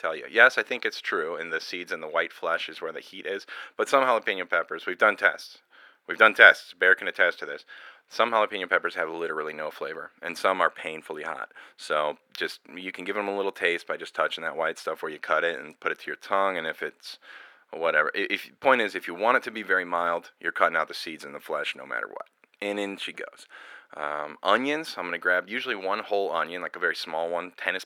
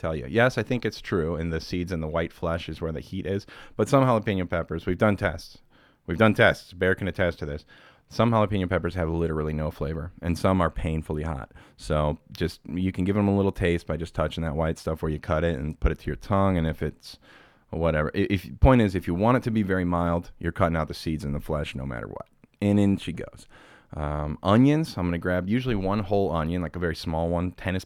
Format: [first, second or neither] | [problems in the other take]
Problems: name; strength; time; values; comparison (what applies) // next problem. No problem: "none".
second | thin; very; fading below 400 Hz